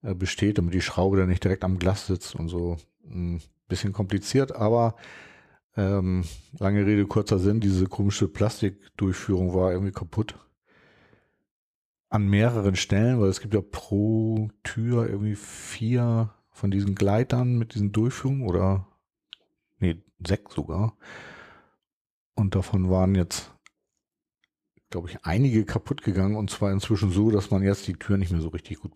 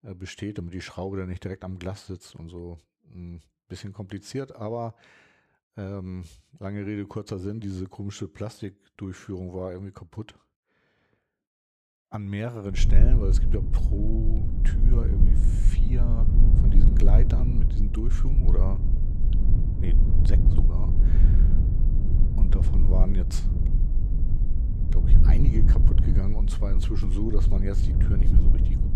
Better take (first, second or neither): first